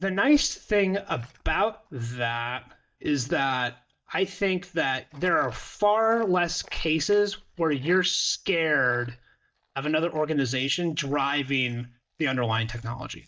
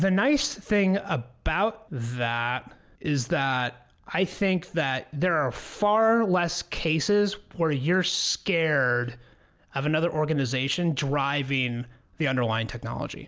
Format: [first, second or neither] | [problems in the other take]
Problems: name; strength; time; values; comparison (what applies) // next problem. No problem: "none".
second | noise reduction (neural mask model DeepFilterNet 3)